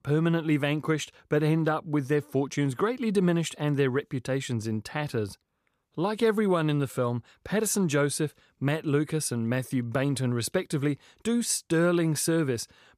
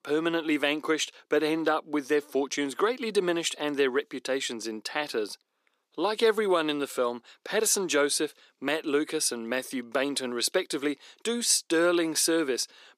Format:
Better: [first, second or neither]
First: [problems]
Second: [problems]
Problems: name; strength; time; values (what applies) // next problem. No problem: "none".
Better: first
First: none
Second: thin; somewhat; fading below 300 Hz